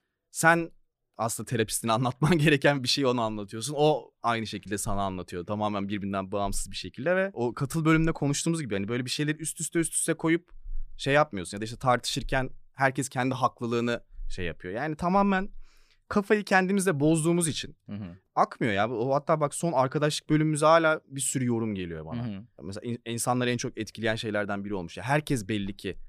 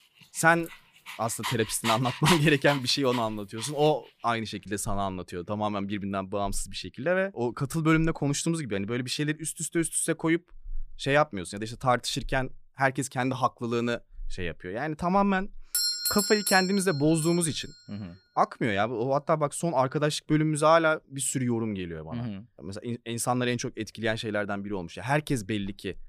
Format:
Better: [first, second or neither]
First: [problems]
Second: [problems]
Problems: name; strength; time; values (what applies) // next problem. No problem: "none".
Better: first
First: none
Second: dog barking; loud; from 1 to 3.5 s; peak level with the speech // doorbell; loud; from 16 to 17 s; peak 3 dB above the speech